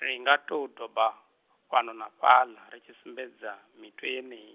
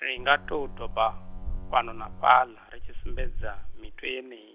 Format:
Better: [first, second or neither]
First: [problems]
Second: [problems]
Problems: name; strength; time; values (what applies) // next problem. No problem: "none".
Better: first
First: none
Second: background sound (Boat, Water vehicle); 4 dB below the speech